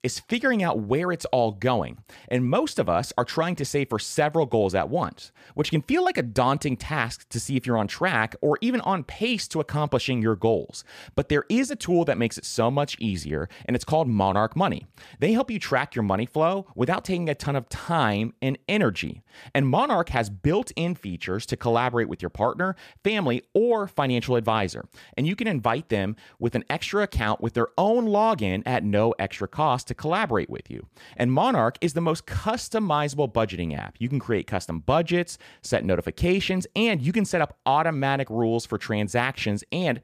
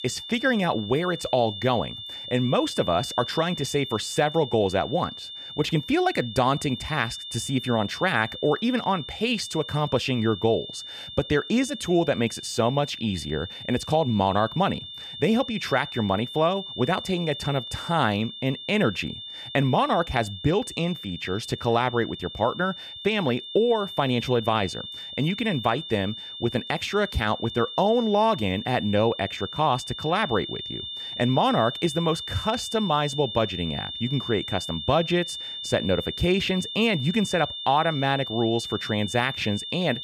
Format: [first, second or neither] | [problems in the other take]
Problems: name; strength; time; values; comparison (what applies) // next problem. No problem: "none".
first | high-pitched whine; loud; throughout; 3.5 kHz, 9 dB below the speech